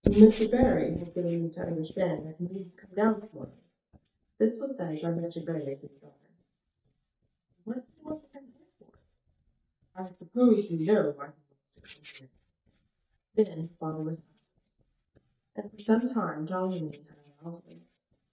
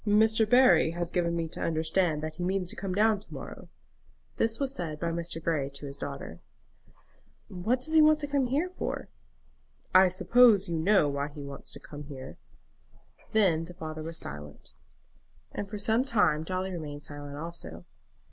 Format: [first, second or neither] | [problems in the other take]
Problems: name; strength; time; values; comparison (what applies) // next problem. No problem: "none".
second | noise reduction (neural mask model DeepFilterNet 3)